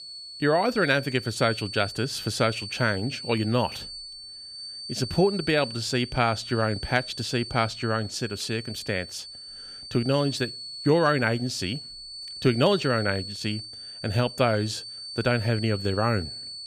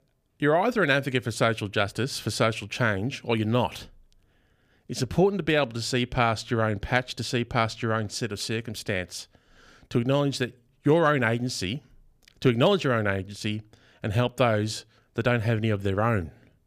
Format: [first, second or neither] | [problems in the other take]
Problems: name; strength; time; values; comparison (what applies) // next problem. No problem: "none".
second | high-pitched whine; noticeable; throughout; 4.5 kHz, 10 dB below the speech